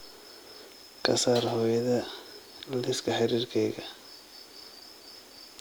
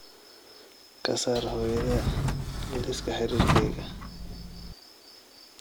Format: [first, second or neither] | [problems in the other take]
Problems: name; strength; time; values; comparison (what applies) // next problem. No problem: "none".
first | background sound (Drawer open or close); 3 dB above the speech